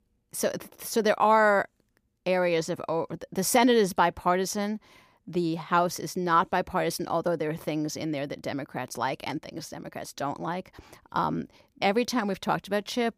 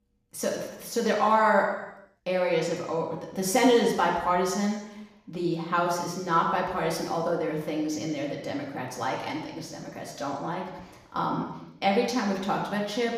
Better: first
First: none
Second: room echo; noticeable; dies away in 0.9 s // off-mic speech; far

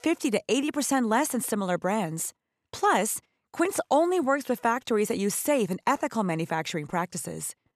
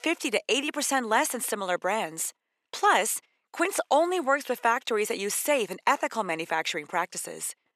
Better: first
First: none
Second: thin; somewhat; fading below 400 Hz

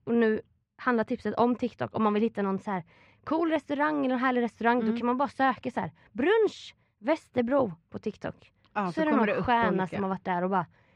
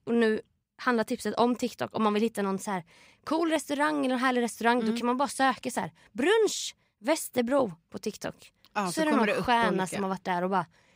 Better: second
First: muffled; slightly; fading above 2.5 kHz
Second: none

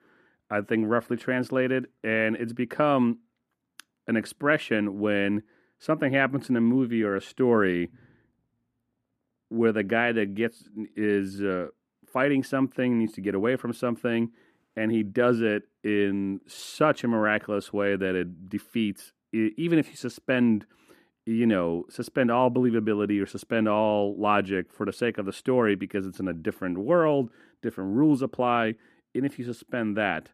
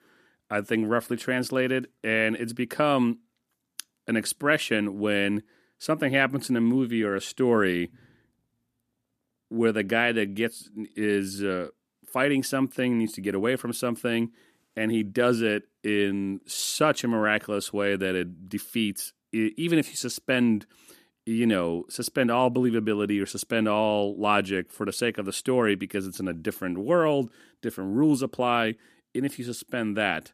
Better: second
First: muffled; slightly; fading above 3 kHz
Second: none

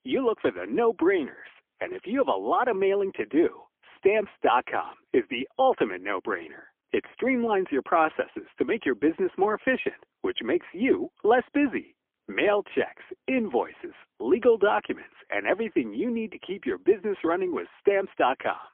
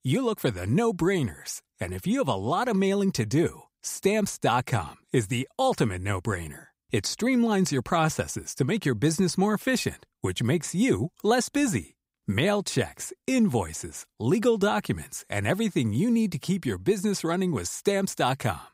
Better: second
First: phone-call audio; poor line; nothing above 3.5 kHz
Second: none

